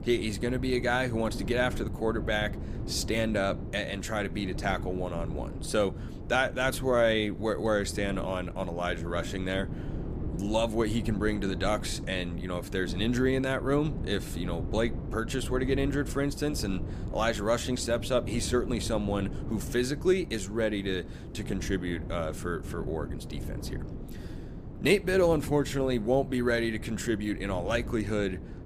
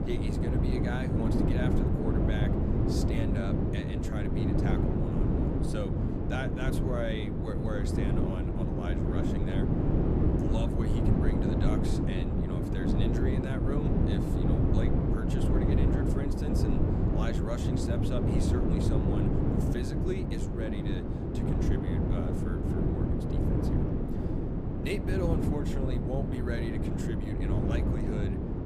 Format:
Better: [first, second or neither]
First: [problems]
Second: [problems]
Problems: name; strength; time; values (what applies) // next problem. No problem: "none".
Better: first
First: wind noise on the microphone; occasional gusts; 15 dB below the speech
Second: wind noise on the microphone; heavy; 4 dB above the speech